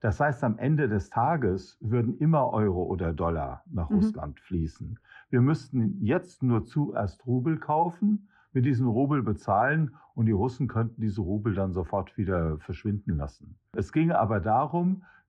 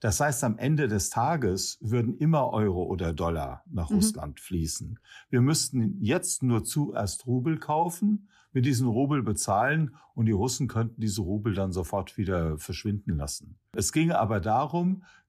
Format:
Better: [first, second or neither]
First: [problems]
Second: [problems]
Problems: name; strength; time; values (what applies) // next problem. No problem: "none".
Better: second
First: muffled; very; fading above 1.5 kHz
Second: none